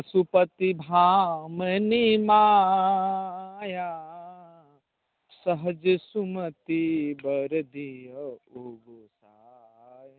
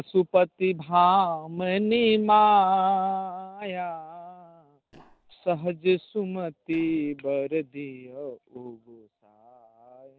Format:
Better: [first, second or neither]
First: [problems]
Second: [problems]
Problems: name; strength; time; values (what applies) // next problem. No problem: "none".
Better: first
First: none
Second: noise reduction (neural separator model SepFormer DNS4)